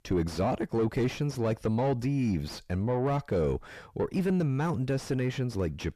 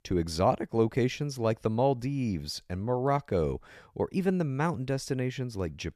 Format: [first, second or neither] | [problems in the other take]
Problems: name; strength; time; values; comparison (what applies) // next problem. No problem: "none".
second | distortion; heavy; 7 dB below the speech